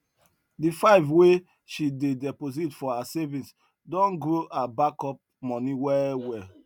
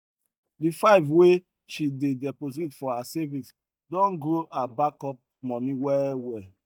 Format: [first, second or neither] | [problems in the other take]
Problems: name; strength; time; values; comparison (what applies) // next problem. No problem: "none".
first | noise reduction (neural mask model DeepFilterNet 3)